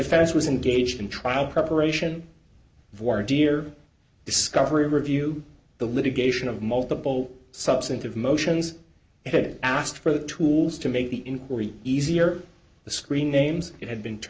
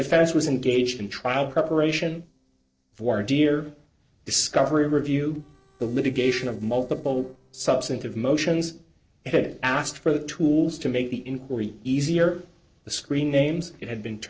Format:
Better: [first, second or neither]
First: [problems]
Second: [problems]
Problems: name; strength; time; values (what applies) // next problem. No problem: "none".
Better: first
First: none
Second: noise reduction (neural separator model SepFormer DNS4)